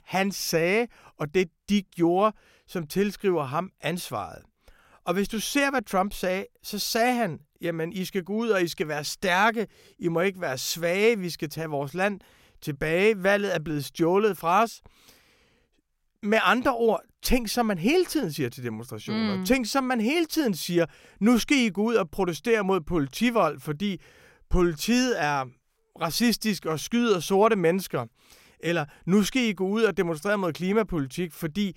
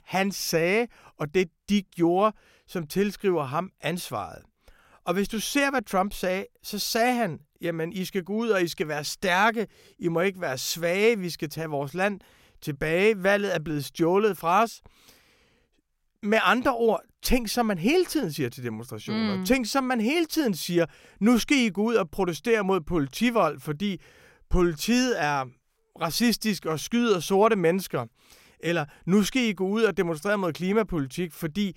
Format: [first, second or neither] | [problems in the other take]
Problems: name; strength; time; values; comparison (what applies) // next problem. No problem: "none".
neither | none